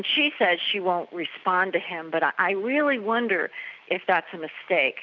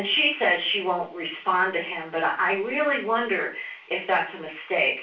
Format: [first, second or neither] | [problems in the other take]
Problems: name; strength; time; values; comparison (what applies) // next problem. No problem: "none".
first | room echo; dies away in 0.3 s